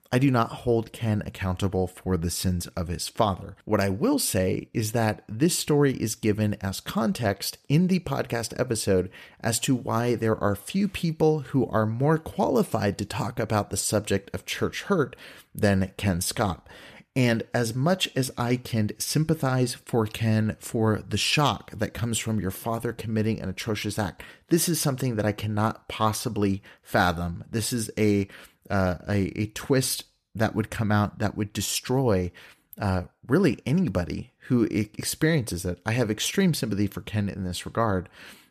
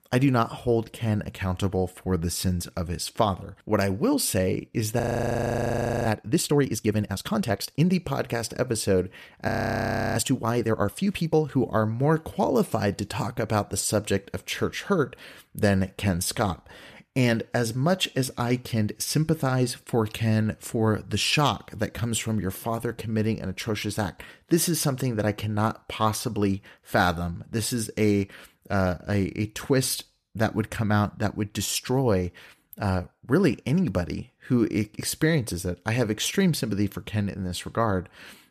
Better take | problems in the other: first | audio freezing; at 5 s for 1 s and at 9.5 s for 0.5 s

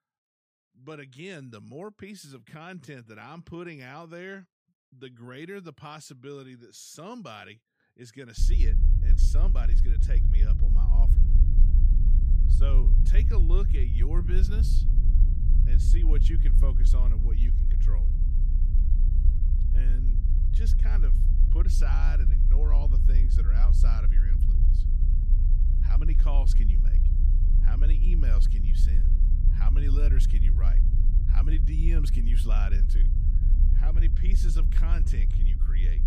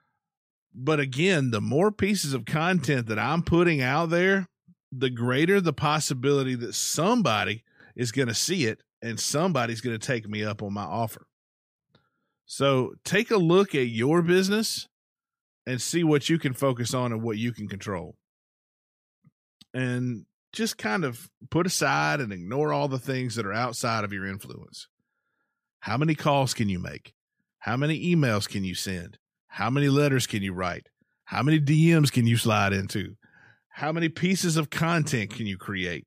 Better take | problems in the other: second | low rumble; loud; from 8.5 s on; 3 dB below the speech

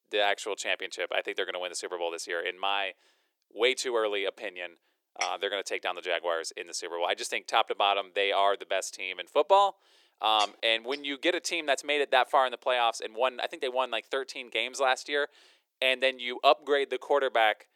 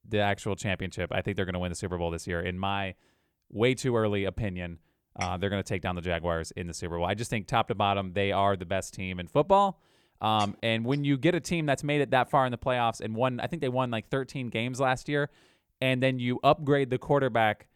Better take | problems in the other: second | thin; very; fading below 350 Hz

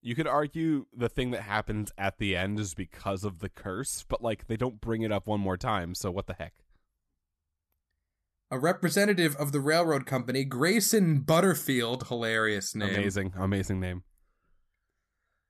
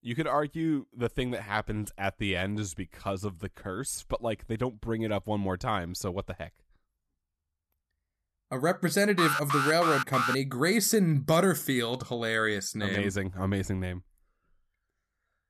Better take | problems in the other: first | alarm; loud; from 9 to 10 s; peak 2 dB above the speech

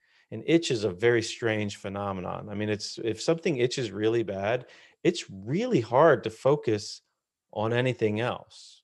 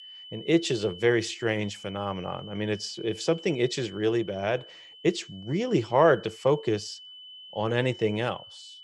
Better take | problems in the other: first | high-pitched whine; noticeable; throughout; 3 kHz, 15 dB below the speech

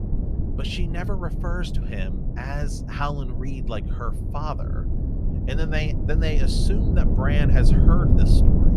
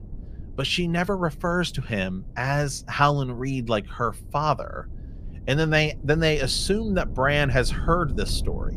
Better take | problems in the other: second | low rumble; loud; throughout; 3 dB below the speech; faint in the second

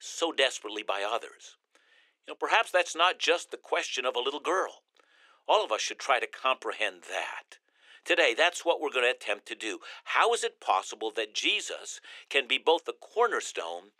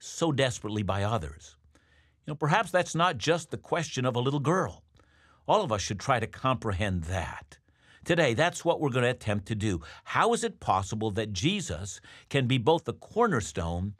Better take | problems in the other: second | thin; very; fading below 350 Hz

